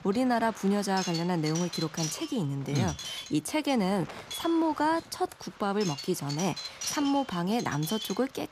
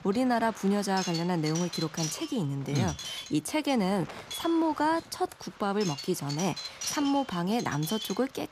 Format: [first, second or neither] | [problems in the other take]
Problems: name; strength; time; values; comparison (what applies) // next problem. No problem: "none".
neither | wind noise on the microphone; heavy; 7 dB below the speech; the same in both